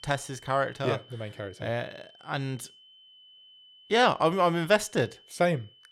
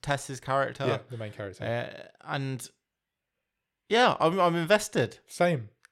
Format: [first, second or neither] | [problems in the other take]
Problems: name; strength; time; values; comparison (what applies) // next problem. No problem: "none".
second | high-pitched whine; faint; throughout; 3 kHz, 25 dB below the speech